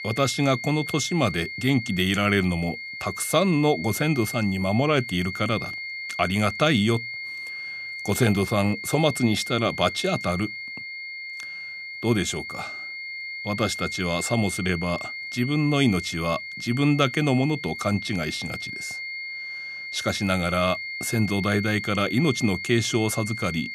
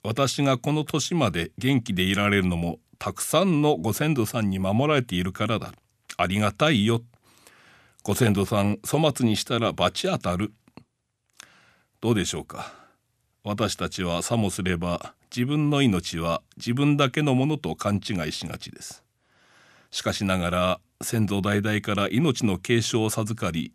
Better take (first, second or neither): second